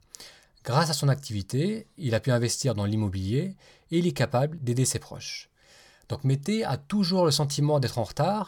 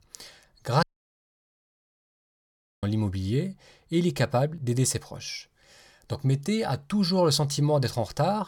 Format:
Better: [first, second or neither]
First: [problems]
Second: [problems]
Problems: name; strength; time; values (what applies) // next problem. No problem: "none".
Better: first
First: none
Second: audio cutting out; at 1 s for 2 s